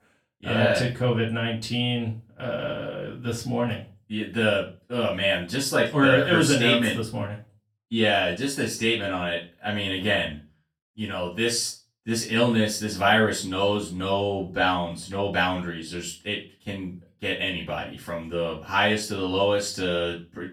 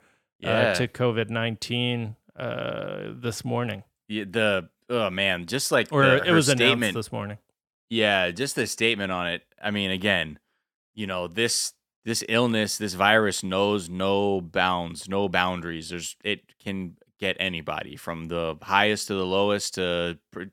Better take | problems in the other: second | off-mic speech; far // room echo; slight; dies away in 0.3 s

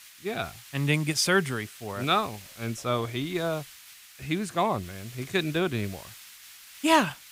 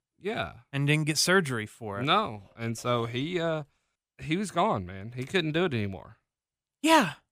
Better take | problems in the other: second | hiss; noticeable; throughout; 20 dB below the speech

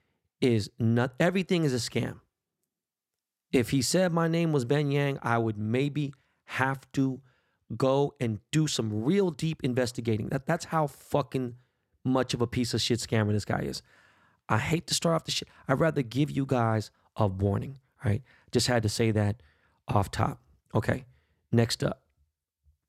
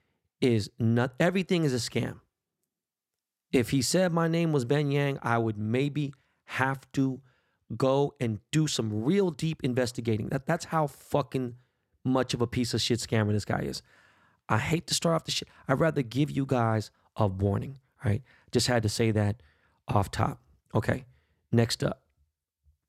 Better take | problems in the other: neither | none

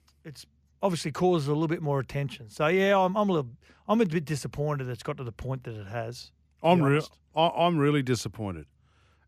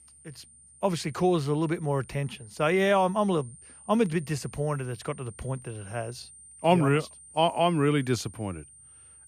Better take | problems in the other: first | high-pitched whine; faint; throughout; 9 kHz, 20 dB below the speech

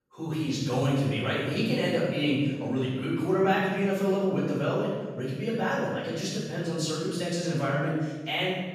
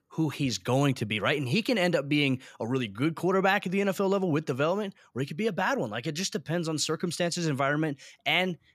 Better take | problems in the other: second | off-mic speech; far // room echo; strong; dies away in 1.4 s

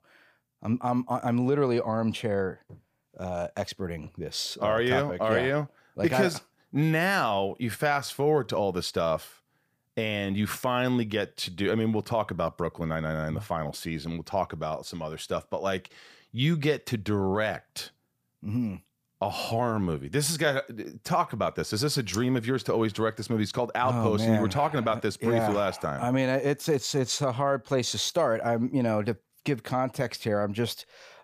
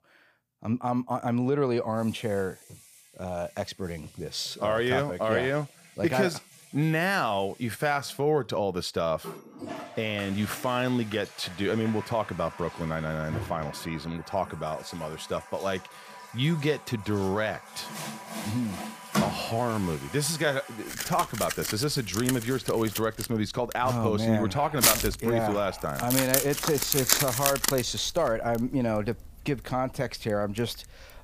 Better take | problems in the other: first | household noises; loud; throughout; 3 dB below the speech

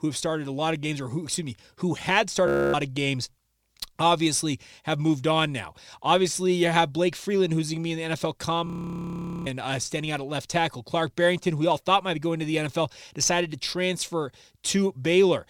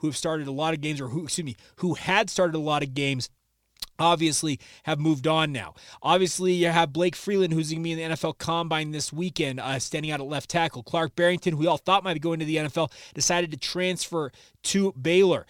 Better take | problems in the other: second | audio freezing; at 2.5 s and at 8.5 s for 1 s

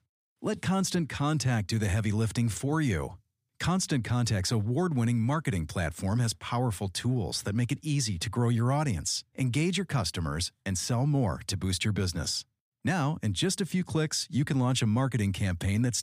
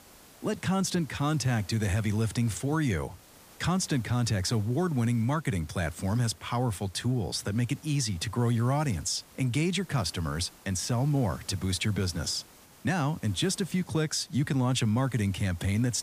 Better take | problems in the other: first | hiss; faint; throughout; 25 dB below the speech

